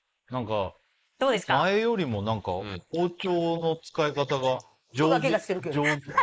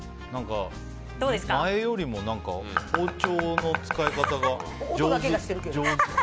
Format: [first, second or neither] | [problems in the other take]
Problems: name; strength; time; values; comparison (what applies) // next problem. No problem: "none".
second | noise reduction (neural mask model Resemble Enhance denoiser)